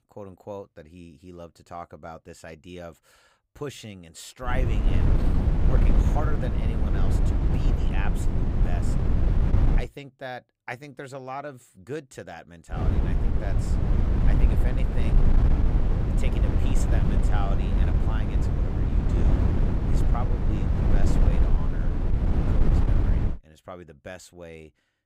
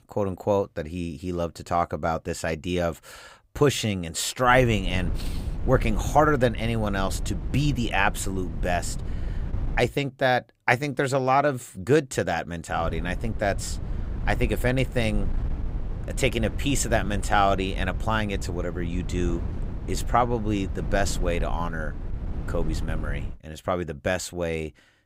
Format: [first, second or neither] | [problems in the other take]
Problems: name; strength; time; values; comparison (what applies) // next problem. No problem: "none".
second | wind noise on the microphone; heavy; from 4.5 to 10 s and from 13 to 23 s; 3 dB above the speech; occasional gusts in the second